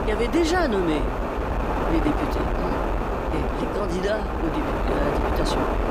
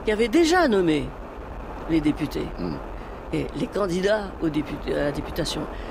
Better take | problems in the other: second | wind noise on the microphone; heavy; 2 dB above the speech; occasional gusts in the second

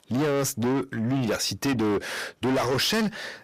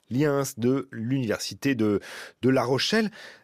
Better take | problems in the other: second | distortion; heavy; 6 dB below the speech

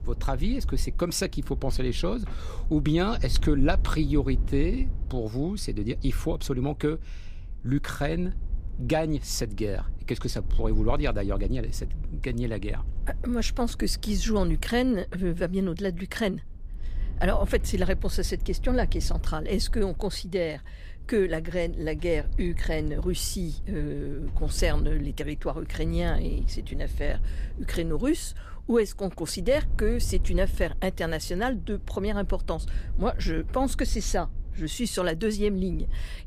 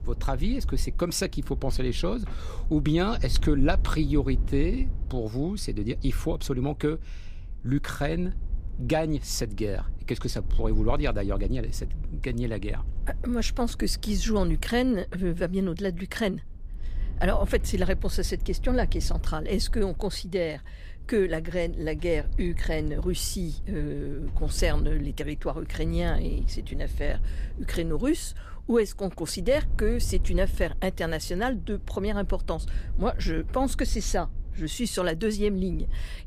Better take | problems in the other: neither | low rumble; faint; throughout; 20 dB below the speech; the same in both

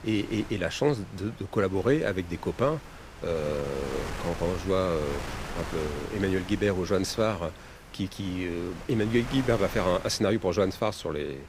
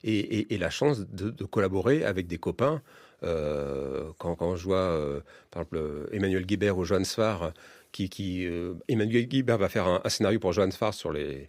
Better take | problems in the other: second | wind noise on the microphone; occasional gusts; 10 dB below the speech

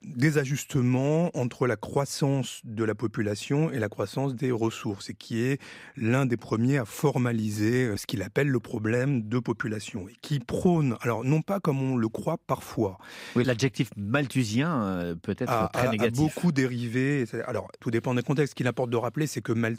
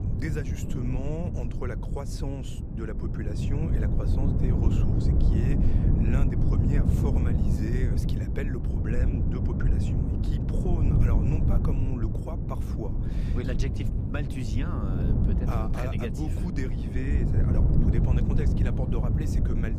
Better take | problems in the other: first | wind noise on the microphone; heavy; 1 dB above the speech

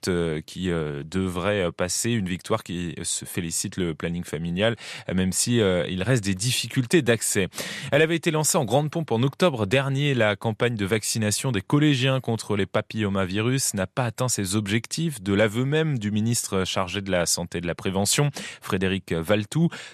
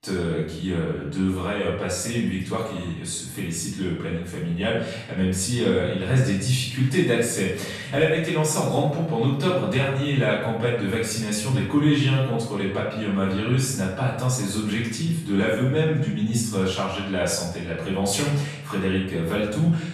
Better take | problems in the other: first | off-mic speech; far // room echo; noticeable; dies away in 0.8 s

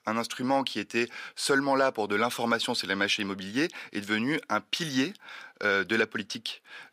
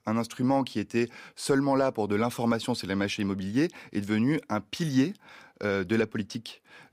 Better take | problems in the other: second | thin; very slightly; fading below 500 Hz

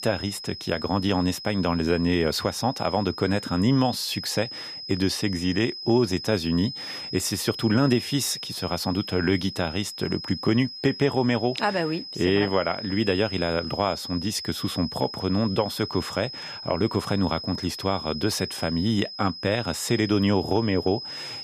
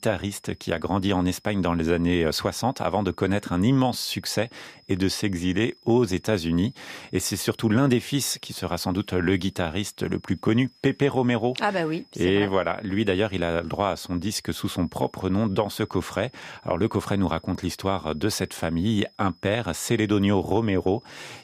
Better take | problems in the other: second | high-pitched whine; loud; throughout; 5 kHz, 9 dB below the speech; faint in the second

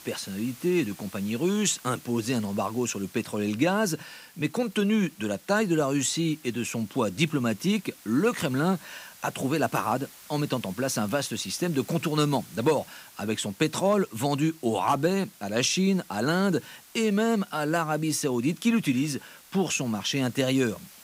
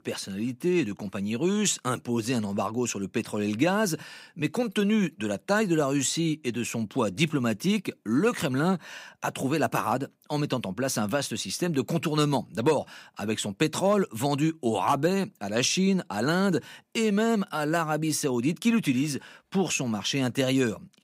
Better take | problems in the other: second | hiss; faint; throughout; 20 dB below the speech

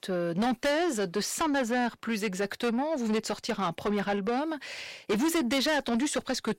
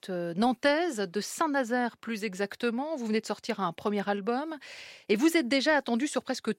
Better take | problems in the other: second | distortion; heavy; 7 dB below the speech

